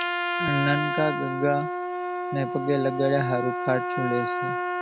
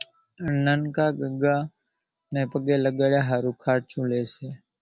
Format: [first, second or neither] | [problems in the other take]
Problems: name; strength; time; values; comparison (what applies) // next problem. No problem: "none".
second | background sound (Trumpet); 1 dB below the speech